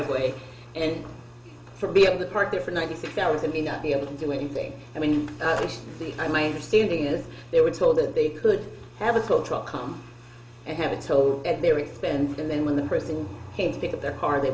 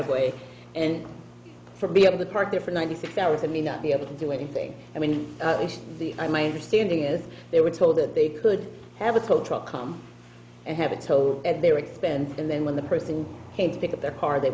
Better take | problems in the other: second | background sound (Skateboard); 17 dB below the speech // room echo; dies away in 0.2 s

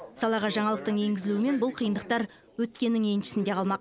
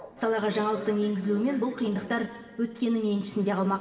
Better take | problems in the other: first | room echo; dies away in 1.8 s

